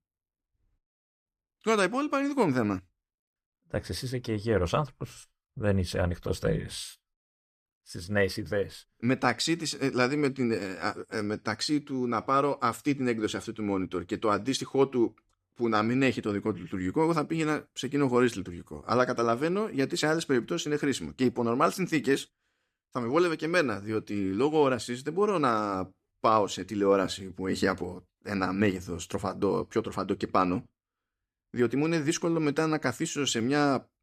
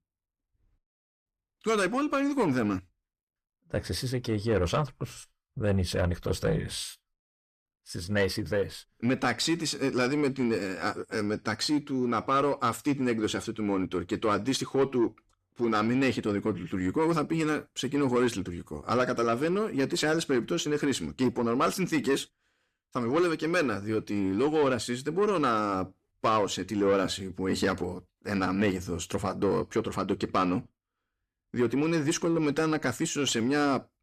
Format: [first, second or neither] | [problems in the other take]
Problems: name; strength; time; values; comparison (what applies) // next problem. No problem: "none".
first | distortion; slight; 10 dB below the speech